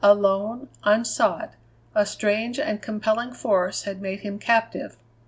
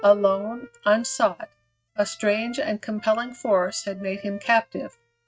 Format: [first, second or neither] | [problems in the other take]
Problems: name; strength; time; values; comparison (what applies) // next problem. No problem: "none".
first | noise reduction (neural mask model RNNoise)